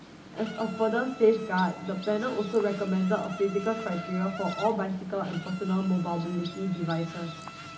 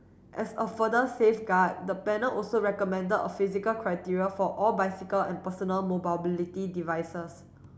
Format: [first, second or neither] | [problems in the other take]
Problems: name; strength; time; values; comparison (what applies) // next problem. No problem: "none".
second | background sound (Insect); 14 dB below the speech // room echo; dies away in 0.4 s